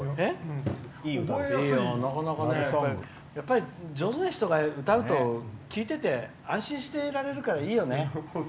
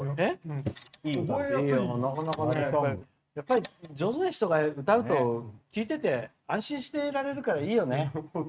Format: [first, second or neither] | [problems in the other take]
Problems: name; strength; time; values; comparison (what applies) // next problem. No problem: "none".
first | noise reduction (neural mask model RNNoise)